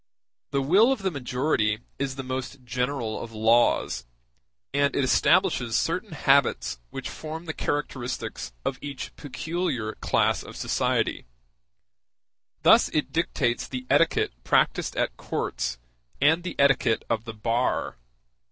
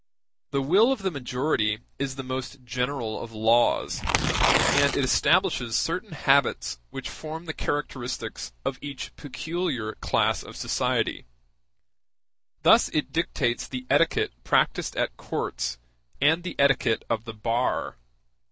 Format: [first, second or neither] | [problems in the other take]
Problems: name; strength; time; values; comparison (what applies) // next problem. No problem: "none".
first | background sound (Tearing); 1 dB above the speech